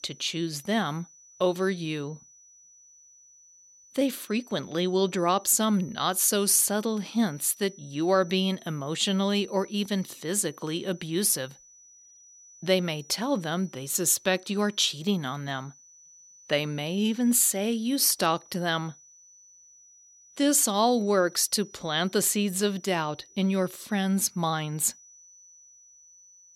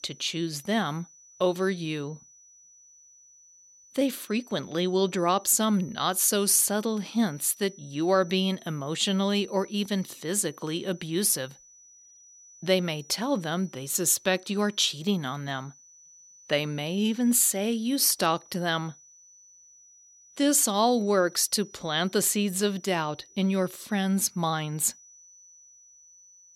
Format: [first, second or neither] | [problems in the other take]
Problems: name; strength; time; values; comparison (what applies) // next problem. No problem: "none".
neither | high-pitched whine; faint; throughout; 6 kHz, 25 dB below the speech; the same in both